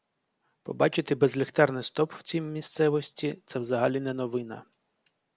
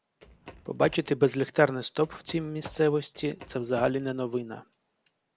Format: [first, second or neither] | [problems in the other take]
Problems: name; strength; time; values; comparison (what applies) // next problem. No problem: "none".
first | background sound (Run); 19 dB below the speech